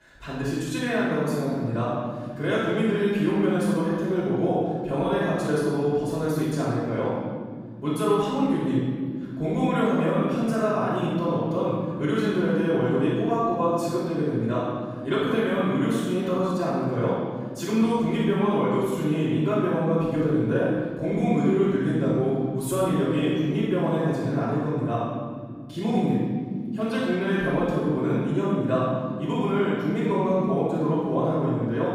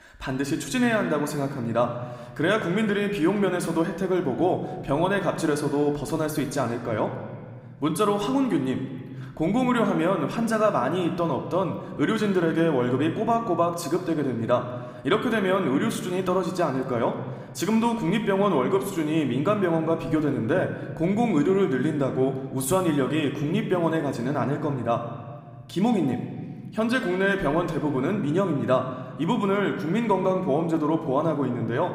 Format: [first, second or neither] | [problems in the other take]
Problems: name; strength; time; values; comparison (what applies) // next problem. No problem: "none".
second | room echo; strong; dies away in 2.3 s; slight in the second // off-mic speech; far